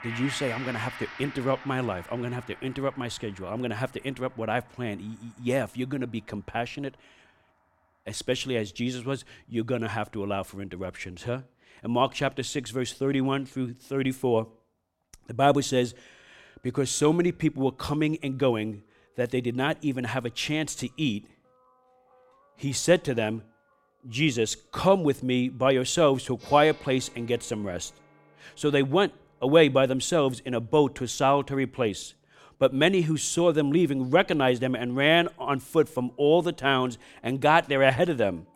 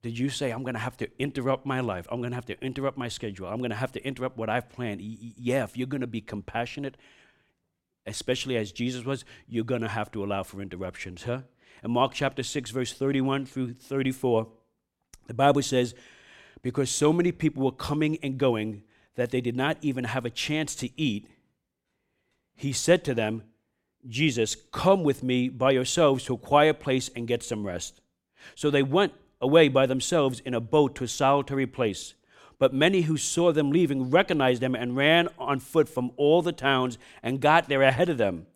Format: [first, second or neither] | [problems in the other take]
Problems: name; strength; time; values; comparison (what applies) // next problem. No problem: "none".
second | background music; noticeable; throughout; 20 dB below the speech